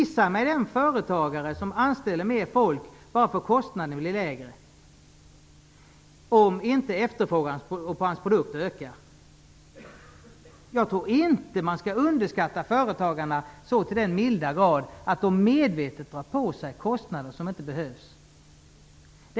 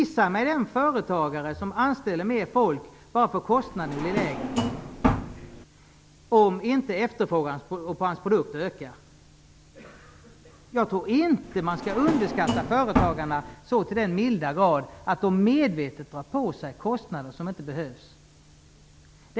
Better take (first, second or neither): first